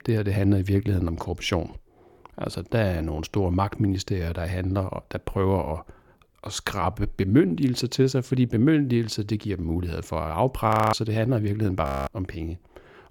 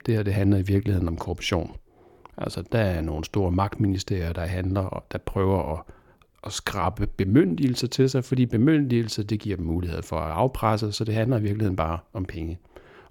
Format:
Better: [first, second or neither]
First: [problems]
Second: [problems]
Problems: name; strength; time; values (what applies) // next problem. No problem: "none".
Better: second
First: audio freezing; at 11 s and at 12 s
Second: none